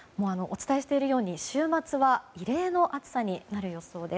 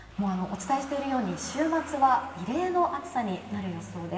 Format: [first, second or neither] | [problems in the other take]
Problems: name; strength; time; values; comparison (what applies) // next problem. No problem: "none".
first | background sound (Engine starting / Motor vehicle (road)); 16 dB below the speech // room echo; dies away in 1.1 s